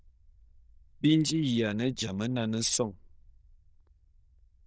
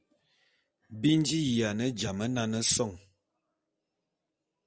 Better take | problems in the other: second | noise reduction (neural diffusion model UNIVERSE++)

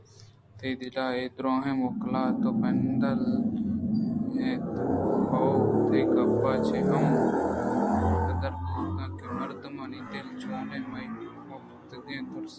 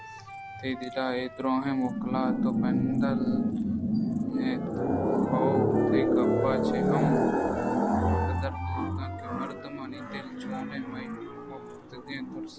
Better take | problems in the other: first | background sound (Insect + Wind instrument, woodwind instrument); 17 dB below the speech

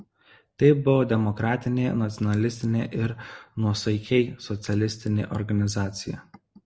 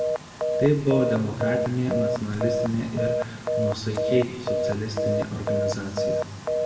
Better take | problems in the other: first | background sound (Telephone); as loud as the speech // room echo; dies away in 1.7 s

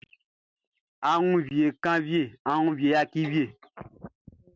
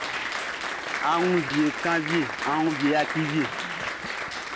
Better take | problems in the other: first | background sound (Applause); 4 dB below the speech

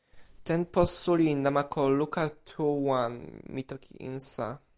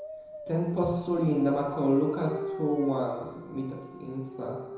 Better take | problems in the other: first | background sound (Dog); 12 dB below the speech // room echo; dies away in 1 s

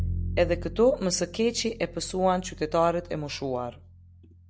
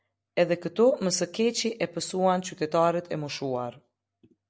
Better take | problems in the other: second | background sound (Bowed string instrument); 10 dB below the speech

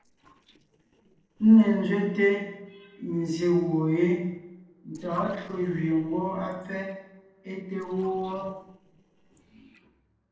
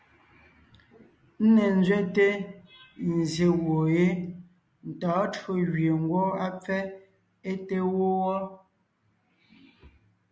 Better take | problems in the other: second | noise reduction (neural separator model SepFormer DNS4)

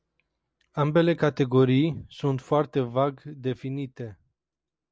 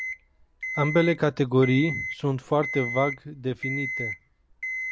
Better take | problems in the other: first | background sound (Alarm); 8 dB below the speech

